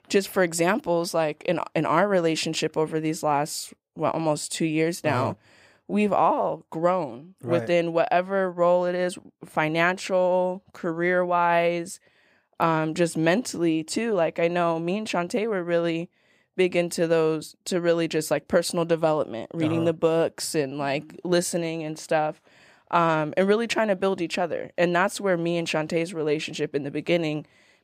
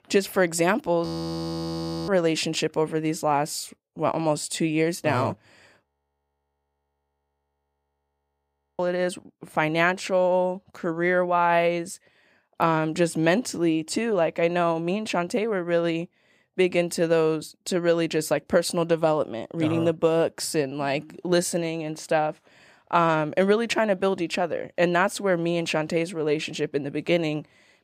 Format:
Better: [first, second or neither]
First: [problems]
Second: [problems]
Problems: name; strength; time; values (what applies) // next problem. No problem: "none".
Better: first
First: none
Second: audio freezing; at 1 s for 1 s and at 6 s for 3 s